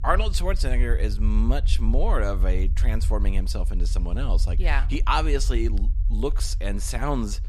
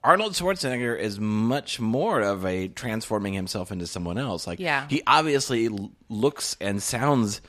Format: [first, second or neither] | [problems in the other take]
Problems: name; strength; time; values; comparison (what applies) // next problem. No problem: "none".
second | low rumble; noticeable; throughout; 20 dB below the speech